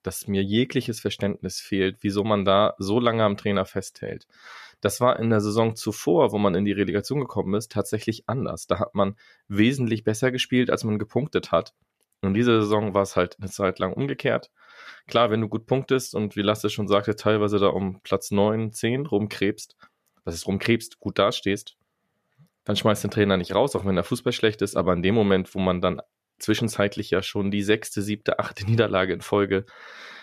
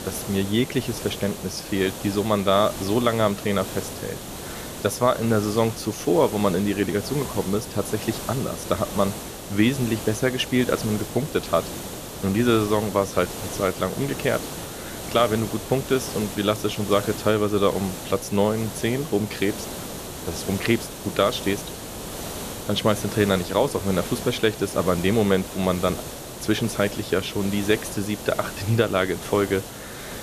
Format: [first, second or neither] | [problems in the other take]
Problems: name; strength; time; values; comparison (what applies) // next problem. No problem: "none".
first | hiss; loud; throughout; 9 dB below the speech